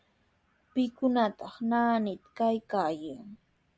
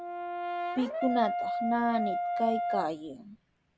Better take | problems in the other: first | background sound (Brass instrument); as loud as the speech

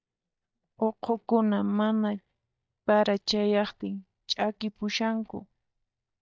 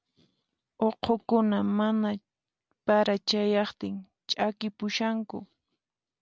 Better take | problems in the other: second | noise reduction (neural mask model DeepFilterNet 3)

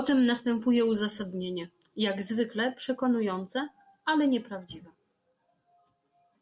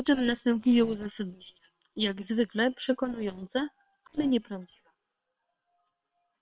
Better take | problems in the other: first | noise reduction (neural separator model SepFormer WHAM!)

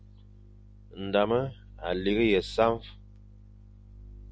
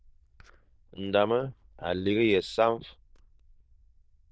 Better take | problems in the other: first | noise reduction (neural diffusion model UNIVERSE++)

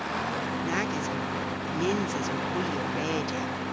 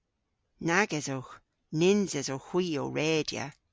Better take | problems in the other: second | background sound (Engine starting); 5 dB above the speech

